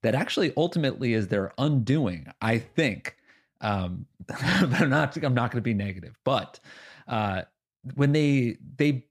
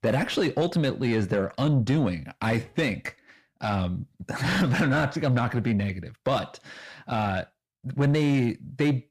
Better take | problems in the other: first | distortion; slight; 10 dB below the speech

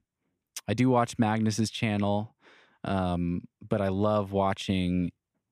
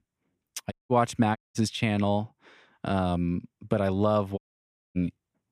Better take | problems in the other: first | audio cutting out; at 0.5 s, at 1.5 s and at 4.5 s for 0.5 s

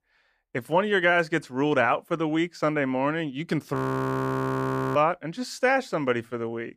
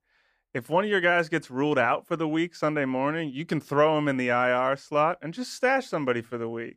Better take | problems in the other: second | audio freezing; at 4 s for 1 s

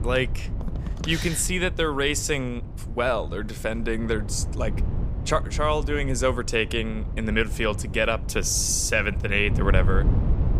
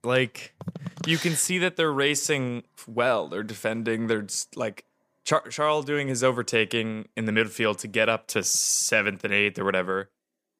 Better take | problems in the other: second | wind noise on the microphone; occasional gusts; 15 dB below the speech

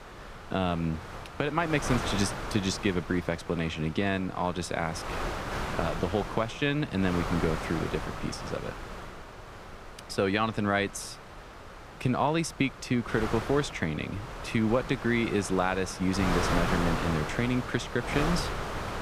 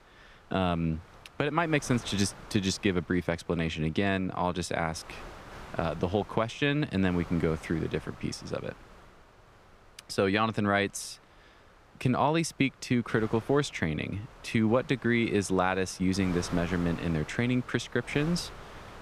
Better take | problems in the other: second | wind noise on the microphone; heavy; 5 dB below the speech; occasional gusts in the second

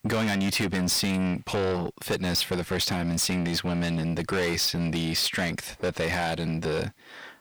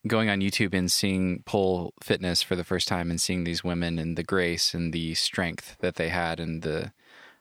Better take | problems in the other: second | distortion; heavy; 5 dB below the speech

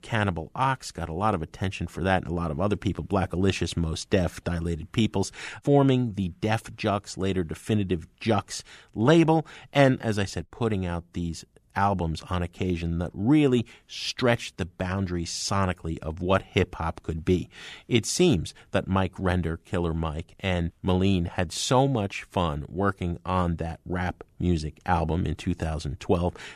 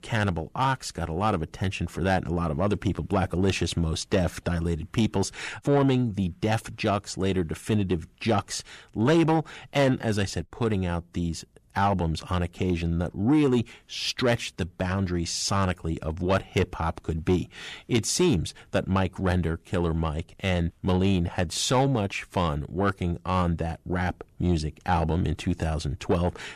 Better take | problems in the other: first | distortion; slight; 10 dB below the speech

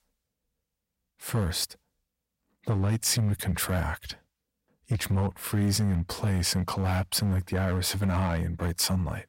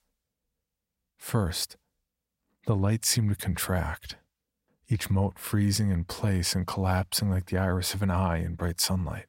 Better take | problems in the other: second | distortion; slight; 7% of the sound clipped

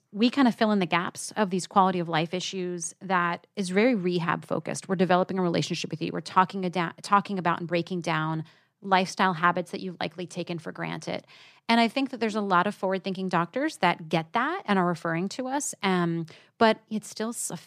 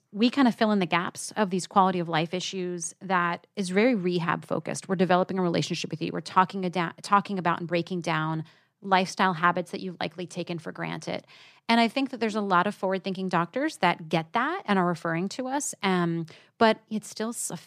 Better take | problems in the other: neither | none

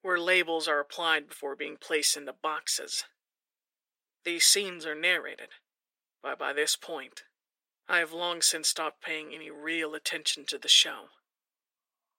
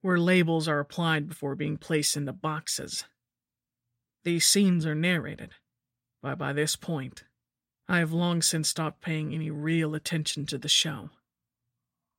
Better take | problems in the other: second | thin; very; fading below 400 Hz

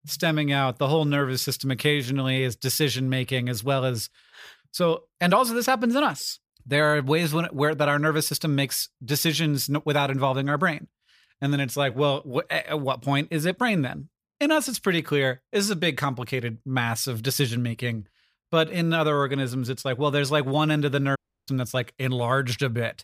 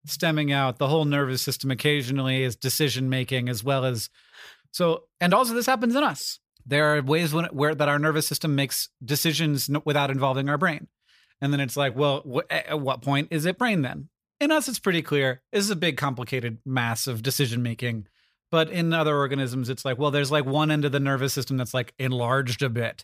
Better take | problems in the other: second | audio cutting out; at 21 s

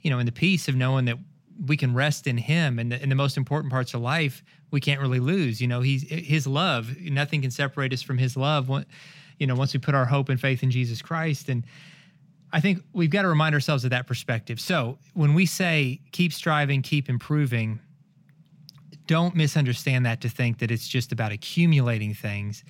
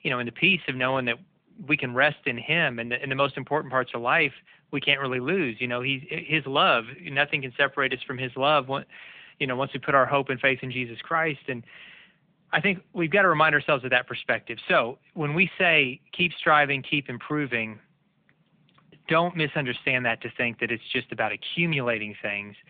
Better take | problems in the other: first | phone-call audio

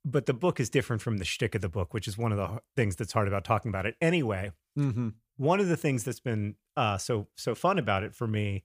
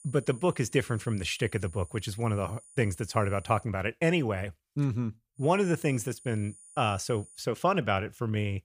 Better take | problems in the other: first | high-pitched whine; faint; until 3.5 s and from 5.5 to 7.5 s; 9.5 kHz, 20 dB below the speech

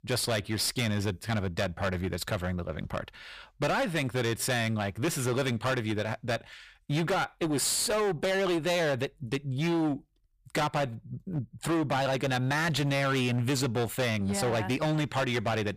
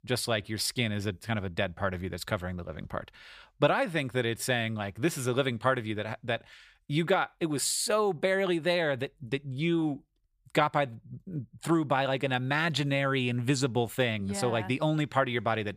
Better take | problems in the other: second | distortion; heavy; 21% of the sound clipped

